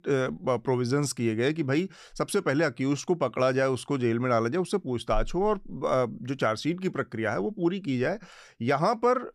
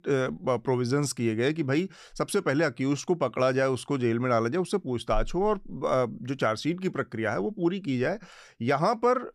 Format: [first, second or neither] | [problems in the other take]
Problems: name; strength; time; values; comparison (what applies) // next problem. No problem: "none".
neither | none